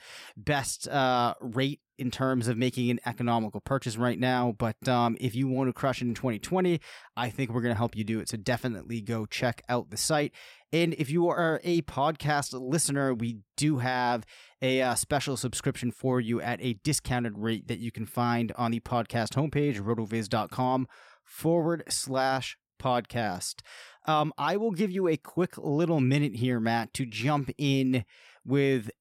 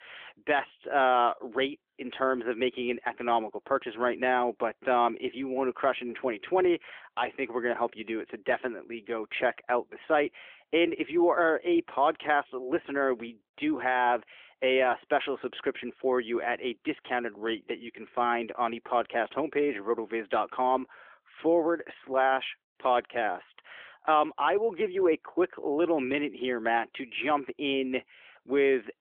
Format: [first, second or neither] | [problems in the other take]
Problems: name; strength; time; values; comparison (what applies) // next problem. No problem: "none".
first | phone-call audio; nothing above 3.5 kHz